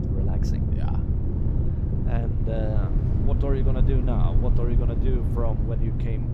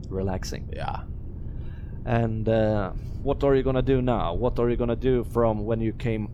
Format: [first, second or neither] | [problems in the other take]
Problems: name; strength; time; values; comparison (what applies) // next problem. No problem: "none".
second | low rumble; loud; throughout; 1 dB below the speech; faint in the second